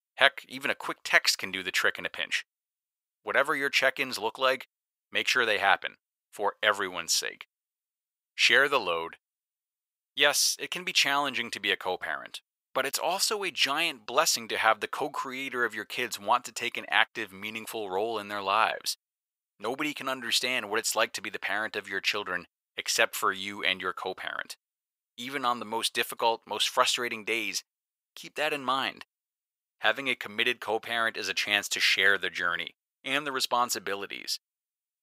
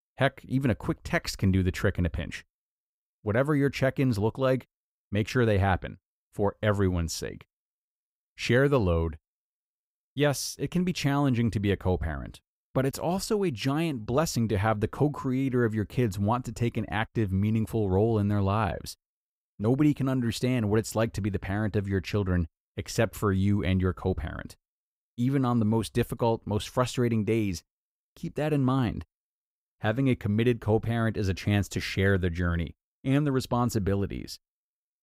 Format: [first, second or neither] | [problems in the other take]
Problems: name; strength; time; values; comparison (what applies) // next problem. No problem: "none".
second | thin; very; fading below 850 Hz